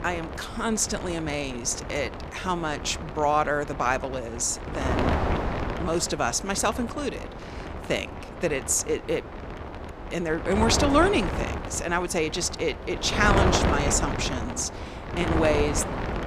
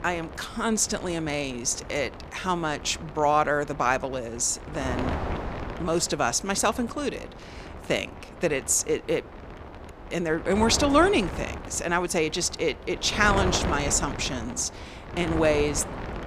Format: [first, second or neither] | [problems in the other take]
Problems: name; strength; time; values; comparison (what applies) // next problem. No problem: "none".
second | wind noise on the microphone; heavy; 6 dB below the speech; occasional gusts in the second